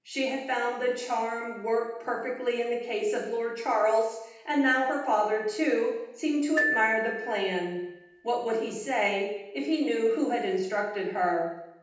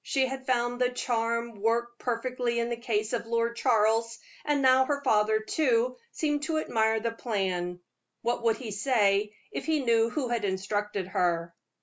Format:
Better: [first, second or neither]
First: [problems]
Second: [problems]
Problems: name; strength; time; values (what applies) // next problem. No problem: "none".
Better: second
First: background sound (Glockenspiel); 7 dB below the speech // room echo; dies away in 0.8 s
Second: none